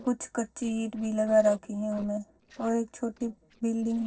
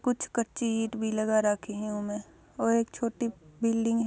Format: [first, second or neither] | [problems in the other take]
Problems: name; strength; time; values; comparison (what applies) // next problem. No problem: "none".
second | noise reduction (neural separator model SepFormer DNS4)